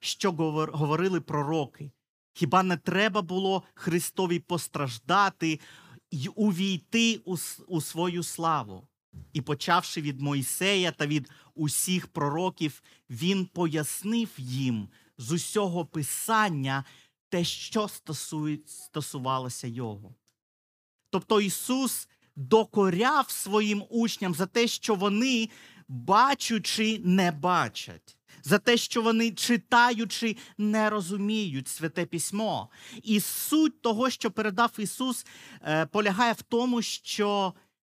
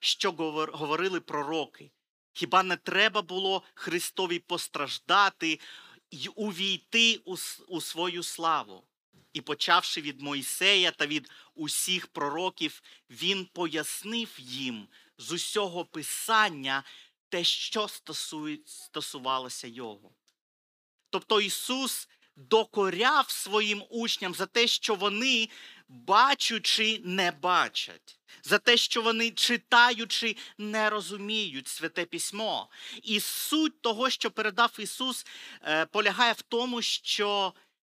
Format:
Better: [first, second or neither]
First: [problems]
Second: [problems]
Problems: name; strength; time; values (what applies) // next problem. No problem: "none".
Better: first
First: none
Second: thin; somewhat; fading below 350 Hz